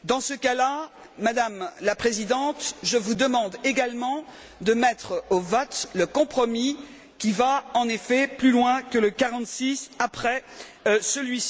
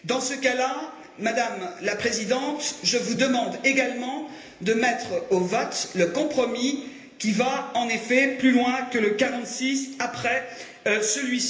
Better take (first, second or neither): first